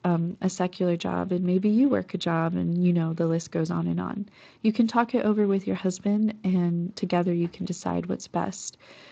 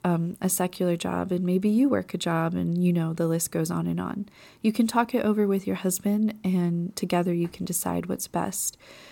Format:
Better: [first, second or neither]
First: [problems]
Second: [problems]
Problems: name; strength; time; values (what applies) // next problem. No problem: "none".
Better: second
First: garbled, watery; slightly; nothing above 7.5 kHz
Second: none